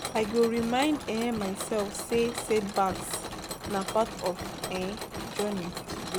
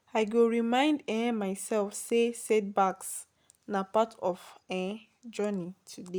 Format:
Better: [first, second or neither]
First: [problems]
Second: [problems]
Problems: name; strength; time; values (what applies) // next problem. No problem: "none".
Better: second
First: background sound (Mechanisms); 7 dB below the speech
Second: none